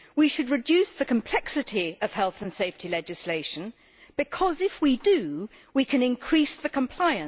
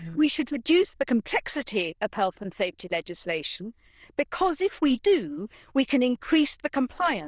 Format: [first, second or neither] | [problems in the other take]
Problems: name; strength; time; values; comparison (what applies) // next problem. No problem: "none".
first | noise reduction (neural diffusion model UNIVERSE++)